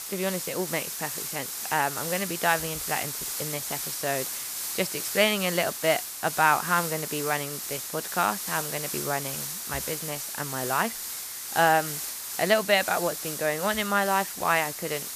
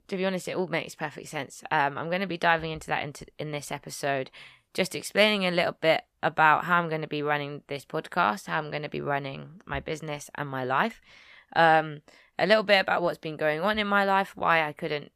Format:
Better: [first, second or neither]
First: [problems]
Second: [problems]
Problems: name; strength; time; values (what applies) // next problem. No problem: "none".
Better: second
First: hiss; loud; throughout; 4 dB below the speech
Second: none